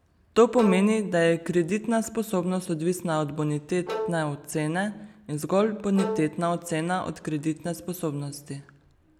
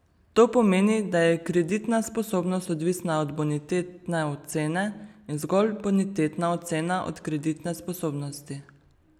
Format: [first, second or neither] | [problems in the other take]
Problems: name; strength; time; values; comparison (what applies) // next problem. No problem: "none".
second | background sound (Bowed string instrument); 12 dB below the speech